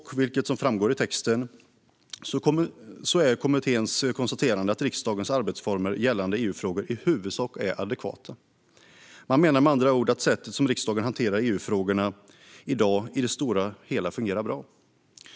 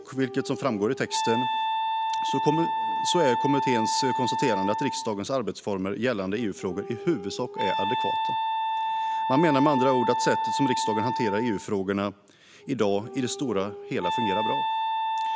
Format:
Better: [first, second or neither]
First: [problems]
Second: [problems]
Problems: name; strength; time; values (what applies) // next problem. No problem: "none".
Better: first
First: none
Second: background sound (Wind instrument, woodwind instrument); 1 dB below the speech